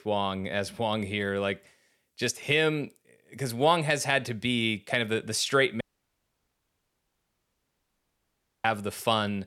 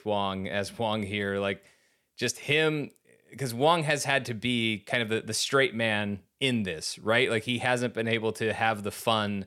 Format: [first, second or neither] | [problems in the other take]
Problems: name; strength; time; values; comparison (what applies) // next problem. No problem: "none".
second | audio cutting out; at 6 s for 3 s